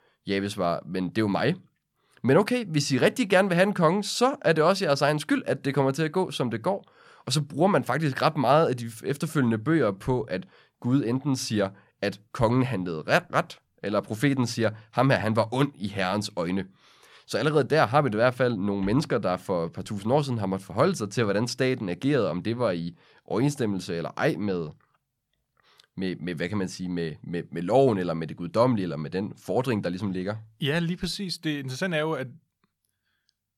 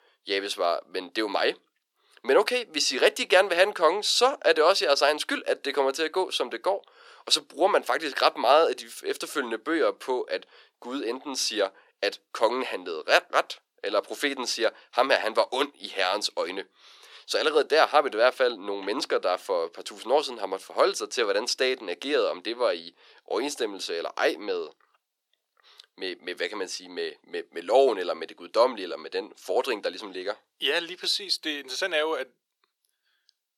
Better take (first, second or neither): first